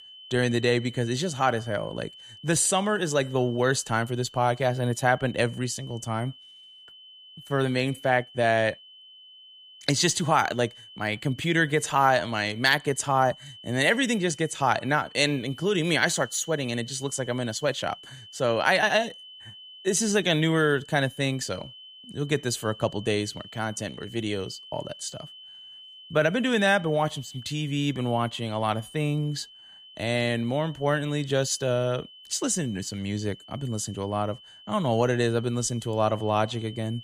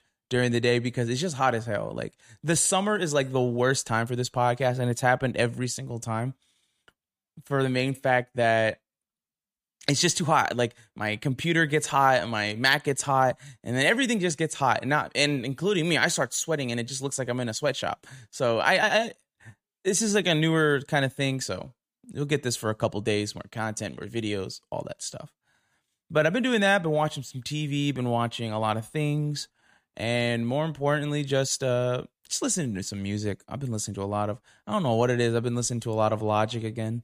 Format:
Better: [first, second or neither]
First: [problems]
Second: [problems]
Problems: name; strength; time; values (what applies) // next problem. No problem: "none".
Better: second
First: high-pitched whine; noticeable; throughout; 3 kHz, 20 dB below the speech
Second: none